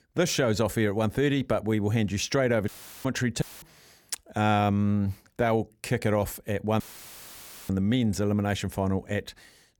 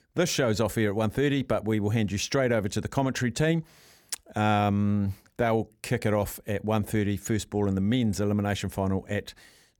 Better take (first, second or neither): second